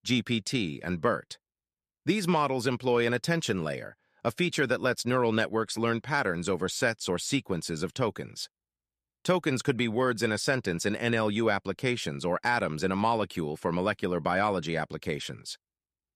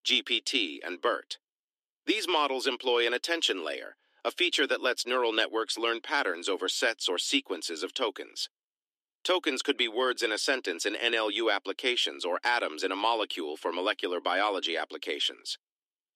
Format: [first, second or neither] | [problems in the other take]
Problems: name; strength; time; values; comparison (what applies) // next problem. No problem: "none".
first | thin; somewhat; fading below 300 Hz